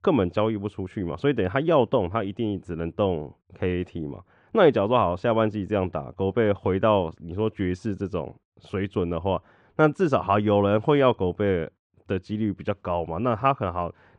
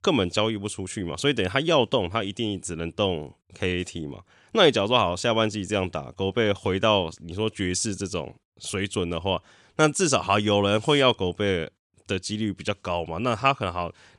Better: second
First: muffled; very; fading above 4 kHz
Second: none

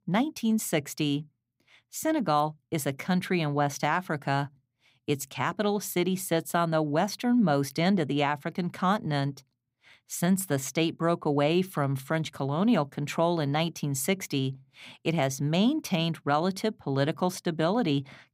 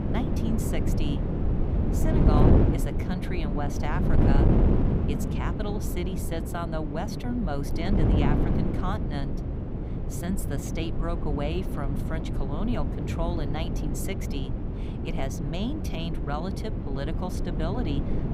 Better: first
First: none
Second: wind noise on the microphone; heavy; as loud as the speech

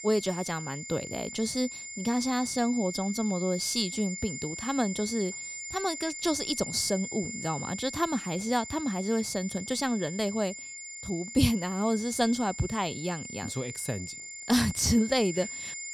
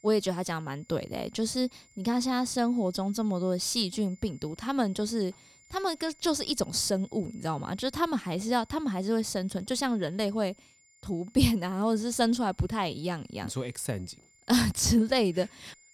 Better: second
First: high-pitched whine; loud; throughout; 7 kHz, 8 dB below the speech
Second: high-pitched whine; faint; throughout; 7 kHz, 30 dB below the speech

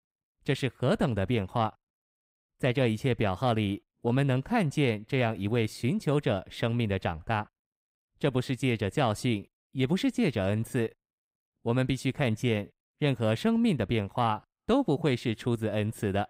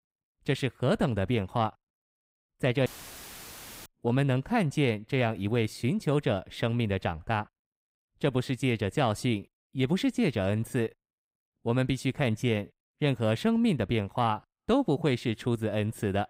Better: first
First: none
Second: audio cutting out; filled with static; at 3 s for 1 s

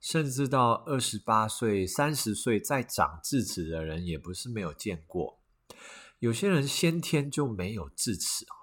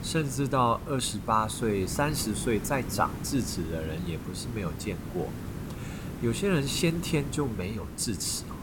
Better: first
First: none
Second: hiss; loud; throughout; 8 dB below the speech

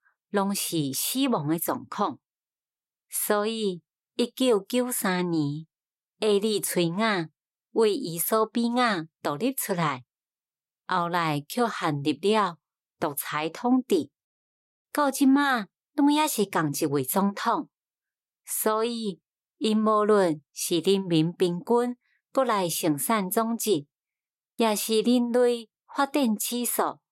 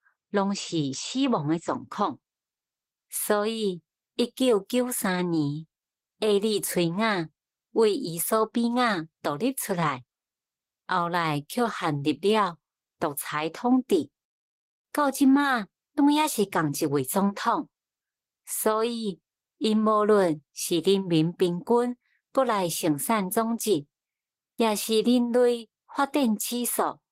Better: first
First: none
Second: garbled, watery; slightly; nothing above 16 kHz

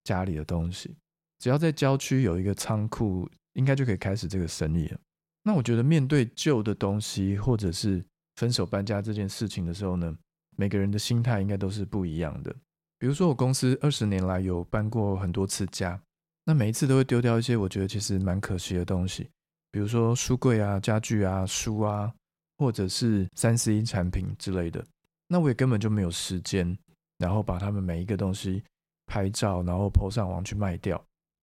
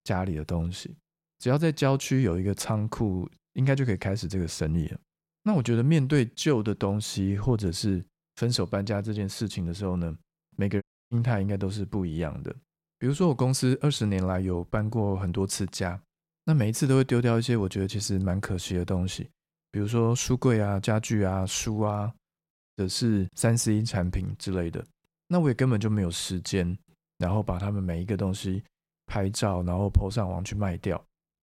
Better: first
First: none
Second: audio cutting out; at 11 s and at 23 s

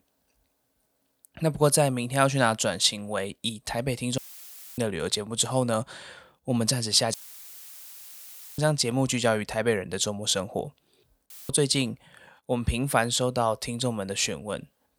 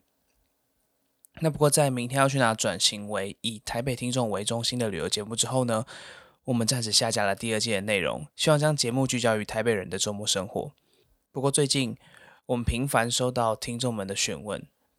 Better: second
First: audio cutting out; filled with static; at 4 s for 0.5 s, at 7 s for 1.5 s and at 11 s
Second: none

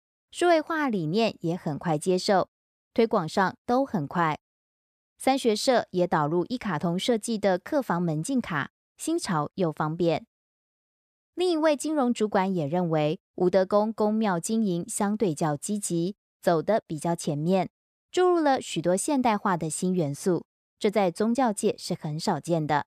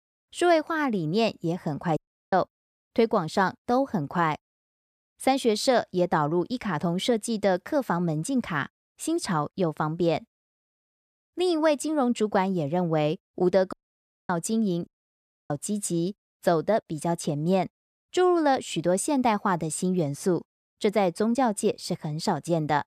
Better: first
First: none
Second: audio cutting out; at 2 s, at 14 s for 0.5 s and at 15 s for 0.5 s

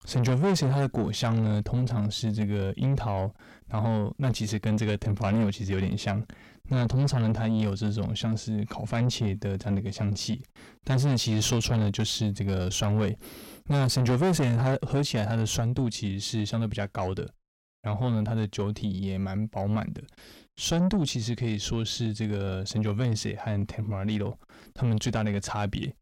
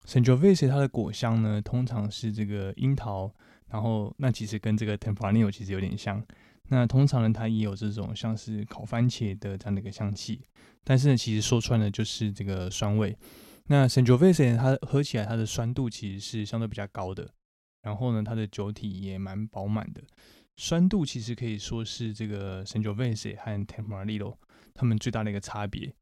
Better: second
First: distortion; heavy; 6 dB below the speech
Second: none

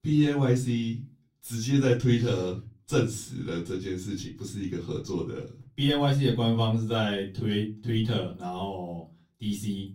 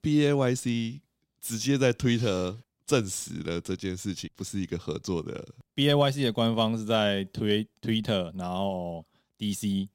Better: second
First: off-mic speech; far // room echo; very slight; dies away in 0.3 s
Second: none

